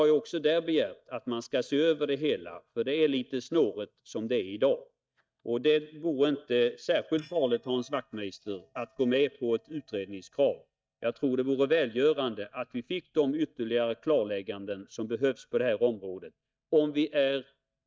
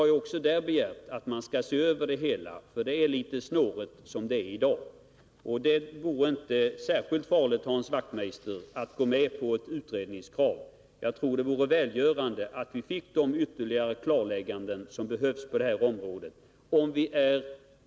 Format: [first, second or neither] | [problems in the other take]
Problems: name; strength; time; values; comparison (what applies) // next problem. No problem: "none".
second | noise reduction (neural mask model DeepFilterNet 3)